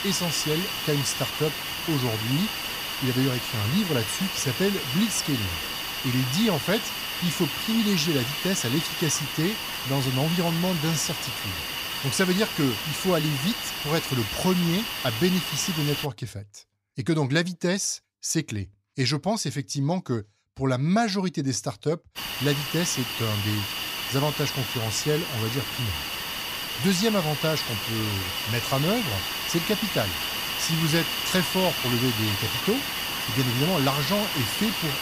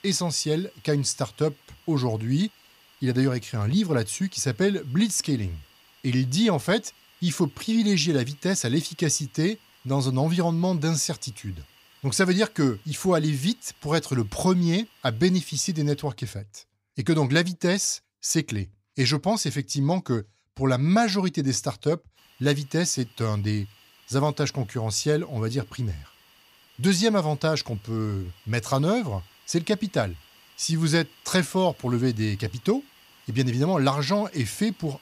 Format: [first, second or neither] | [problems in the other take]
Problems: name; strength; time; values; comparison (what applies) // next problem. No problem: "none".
second | hiss; loud; until 16 s and from 22 s on; 1 dB below the speech; faint in the second